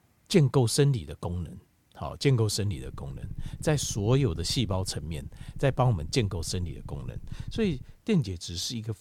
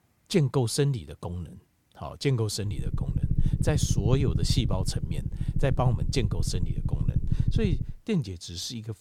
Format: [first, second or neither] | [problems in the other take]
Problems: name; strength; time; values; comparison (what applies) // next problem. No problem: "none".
first | low rumble; loud; from 2.5 to 8 s; 8 dB below the speech; faint in the first